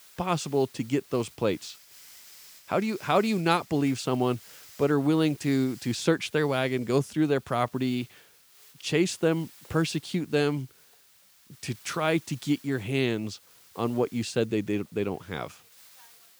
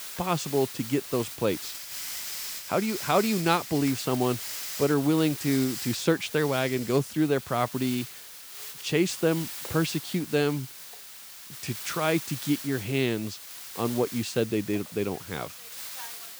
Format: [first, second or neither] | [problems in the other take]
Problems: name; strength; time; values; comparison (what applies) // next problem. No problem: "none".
first | hiss; loud; throughout; 9 dB below the speech; faint in the first